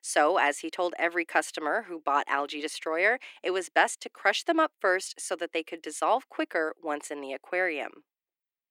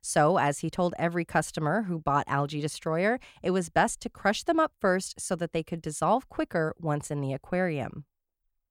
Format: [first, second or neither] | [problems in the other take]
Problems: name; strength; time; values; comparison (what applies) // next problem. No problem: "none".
second | thin; very; fading below 300 Hz